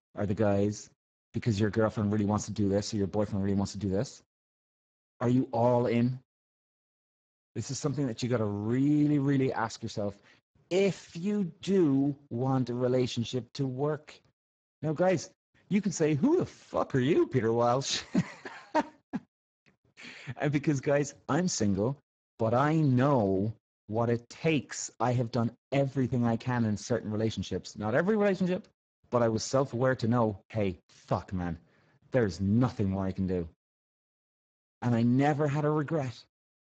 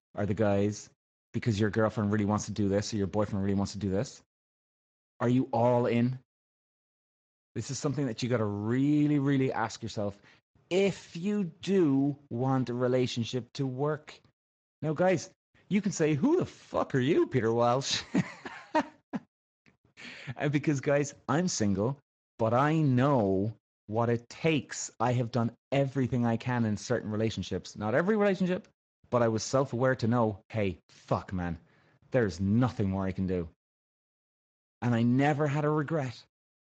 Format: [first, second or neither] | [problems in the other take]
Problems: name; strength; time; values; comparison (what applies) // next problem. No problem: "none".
second | garbled, watery; badly; nothing above 7.5 kHz; slightly in the second